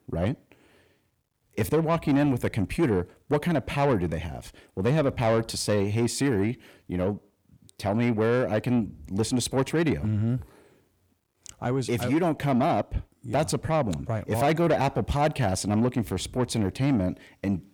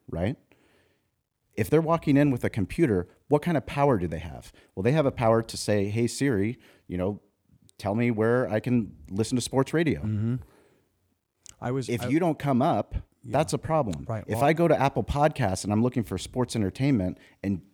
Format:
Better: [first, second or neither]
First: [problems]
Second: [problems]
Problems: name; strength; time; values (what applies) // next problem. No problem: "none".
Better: second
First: distortion; slight; 10 dB below the speech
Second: none